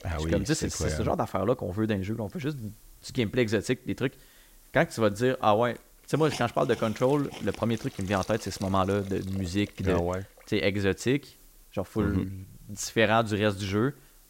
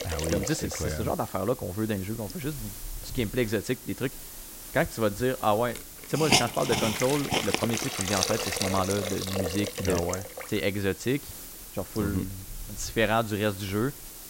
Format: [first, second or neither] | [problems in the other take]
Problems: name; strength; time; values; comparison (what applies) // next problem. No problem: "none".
first | hiss; loud; throughout; 3 dB below the speech; faint in the first